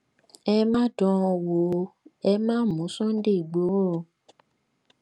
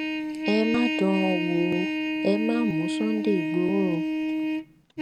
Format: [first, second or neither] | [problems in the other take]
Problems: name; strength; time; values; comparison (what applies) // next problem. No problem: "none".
first | background sound (Trumpet); 1 dB below the speech